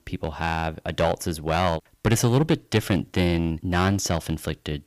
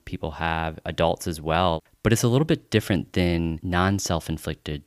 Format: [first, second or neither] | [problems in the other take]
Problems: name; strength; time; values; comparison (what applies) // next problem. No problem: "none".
second | distortion; slight; 4% of the sound clipped